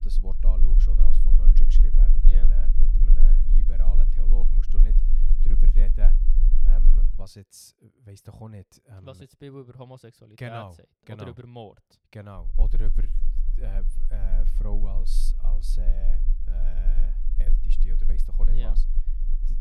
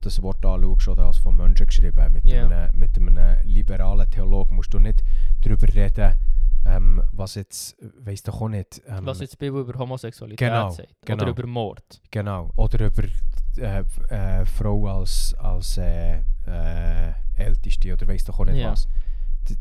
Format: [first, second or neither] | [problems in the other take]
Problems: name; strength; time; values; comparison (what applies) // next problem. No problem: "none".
second | low rumble; loud; until 7 s and from 13 s on; 6 dB below the speech; faint in the second